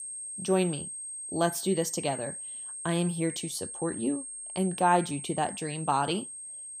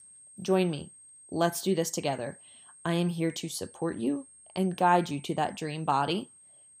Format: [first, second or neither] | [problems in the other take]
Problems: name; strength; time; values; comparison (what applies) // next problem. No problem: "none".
second | high-pitched whine; loud; throughout; 8.5 kHz, 7 dB below the speech; faint in the second